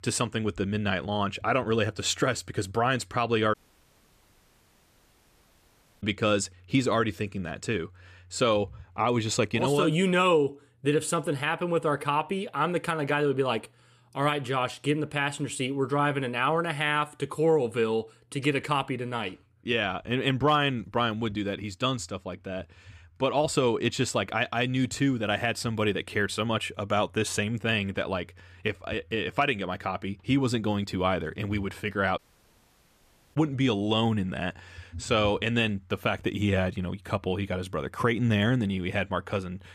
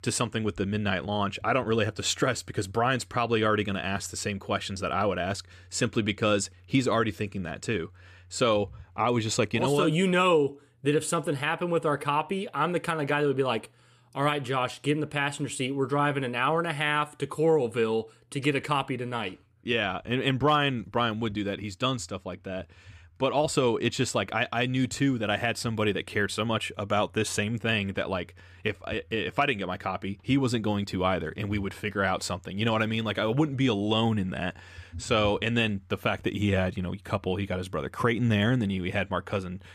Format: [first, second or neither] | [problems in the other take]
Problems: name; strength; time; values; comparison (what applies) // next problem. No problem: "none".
second | audio cutting out; at 3.5 s for 2.5 s and at 32 s for 1 s